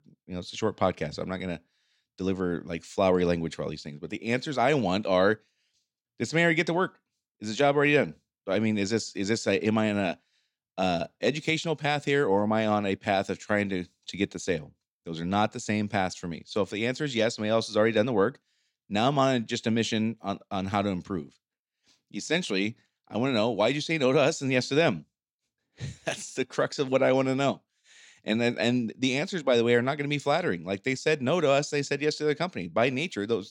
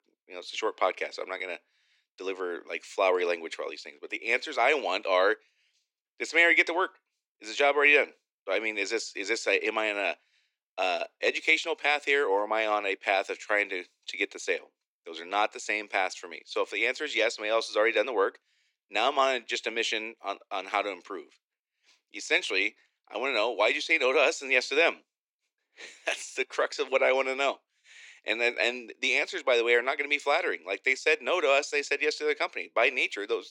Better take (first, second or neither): first